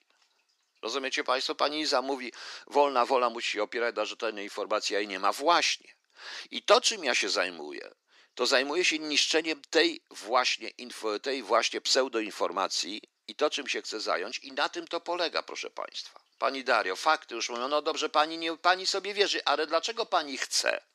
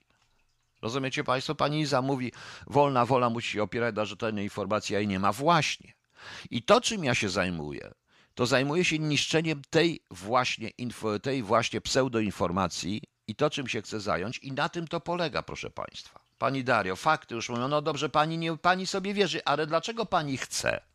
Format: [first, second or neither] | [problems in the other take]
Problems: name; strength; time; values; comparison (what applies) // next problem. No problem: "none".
second | thin; somewhat; fading below 300 Hz